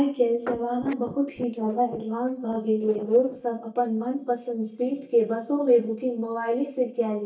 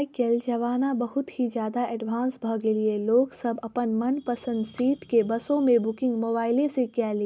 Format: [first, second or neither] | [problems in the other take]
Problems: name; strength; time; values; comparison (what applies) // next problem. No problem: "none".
second | noise reduction (neural mask model DeepFilterNet 3)